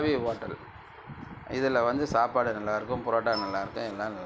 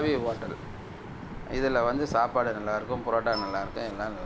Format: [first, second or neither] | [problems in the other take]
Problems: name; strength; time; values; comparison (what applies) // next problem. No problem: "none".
first | background sound (Ocean); 12 dB below the speech